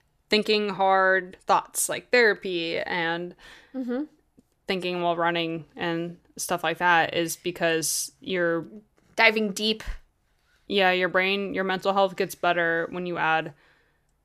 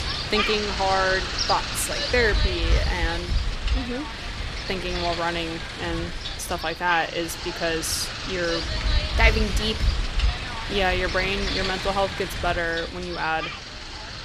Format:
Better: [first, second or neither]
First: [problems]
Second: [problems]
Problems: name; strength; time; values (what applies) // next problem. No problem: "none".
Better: first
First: none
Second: wind noise on the microphone; heavy; 3 dB below the speech